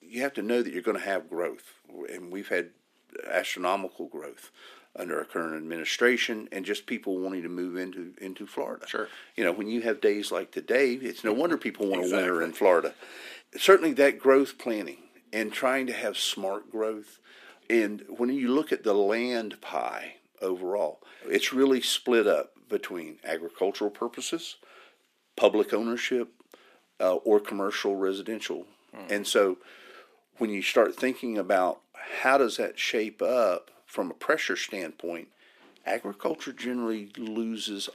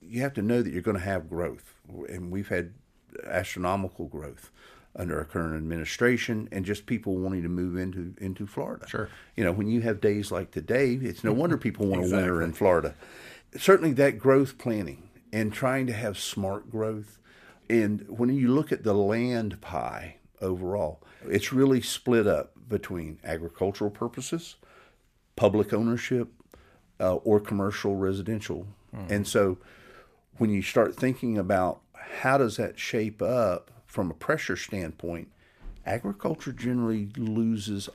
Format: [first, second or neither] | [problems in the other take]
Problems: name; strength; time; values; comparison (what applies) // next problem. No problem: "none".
second | thin; very slightly; fading below 250 Hz